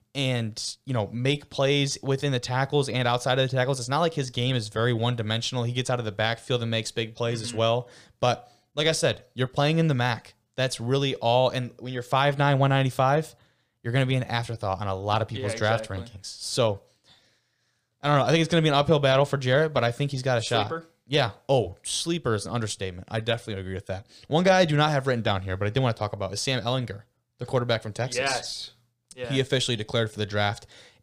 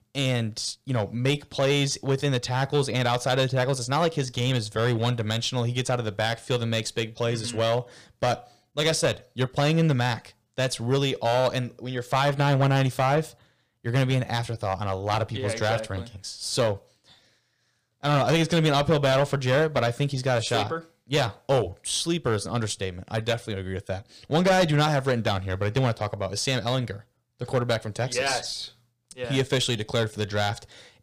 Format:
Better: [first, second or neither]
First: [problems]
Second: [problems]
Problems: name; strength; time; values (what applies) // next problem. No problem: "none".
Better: first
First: none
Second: distortion; slight; 4% of the sound clipped